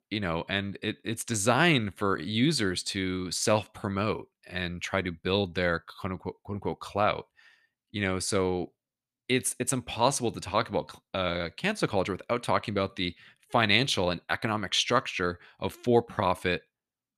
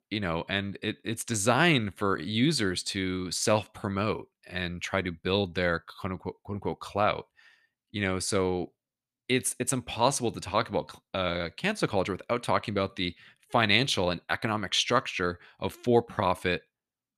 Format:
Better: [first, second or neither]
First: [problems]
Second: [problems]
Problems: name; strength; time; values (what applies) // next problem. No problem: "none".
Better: neither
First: none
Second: none